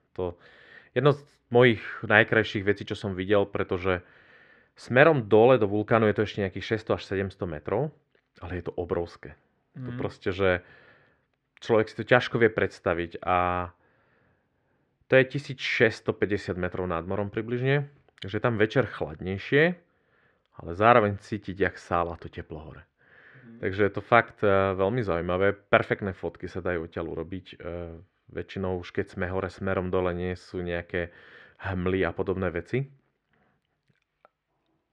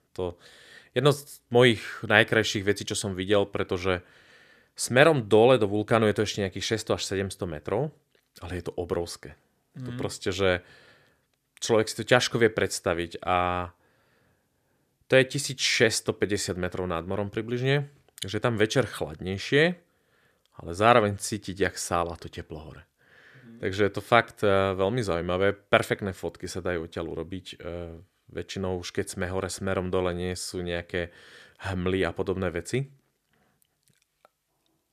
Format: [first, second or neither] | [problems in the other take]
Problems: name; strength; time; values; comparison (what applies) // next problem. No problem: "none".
second | muffled; very; fading above 2 kHz